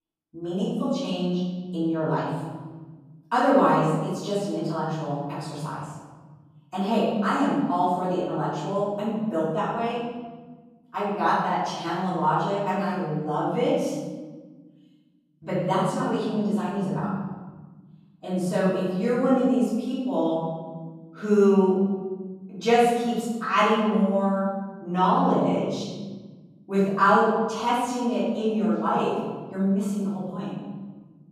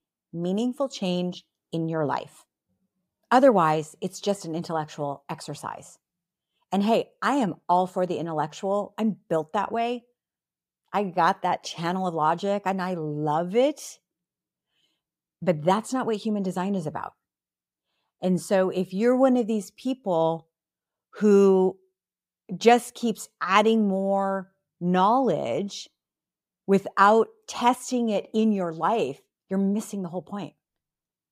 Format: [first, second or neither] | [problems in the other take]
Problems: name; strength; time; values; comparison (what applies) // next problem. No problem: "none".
second | off-mic speech; far // room echo; strong; dies away in 1.8 s